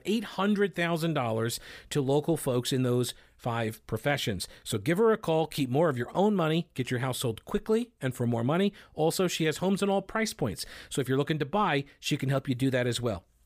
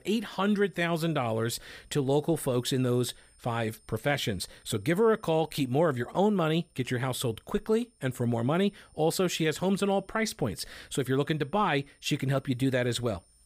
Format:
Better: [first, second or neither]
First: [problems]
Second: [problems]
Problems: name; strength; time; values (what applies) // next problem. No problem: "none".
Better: first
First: none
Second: high-pitched whine; faint; throughout; 9 kHz, 35 dB below the speech